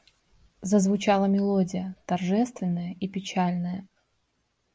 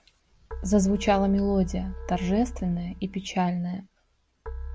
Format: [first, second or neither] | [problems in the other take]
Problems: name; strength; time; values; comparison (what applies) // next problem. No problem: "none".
first | background sound (Keyboard (musical)); 11 dB below the speech